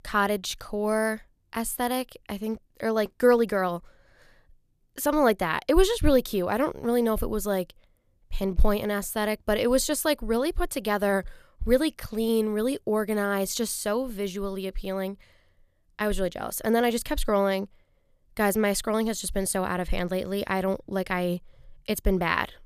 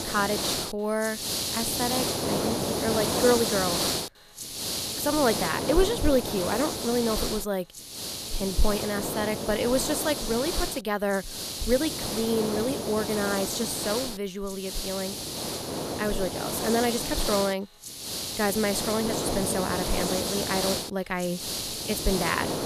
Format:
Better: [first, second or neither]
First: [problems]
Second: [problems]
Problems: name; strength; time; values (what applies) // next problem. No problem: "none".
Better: first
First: none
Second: hiss; loud; throughout; 1 dB below the speech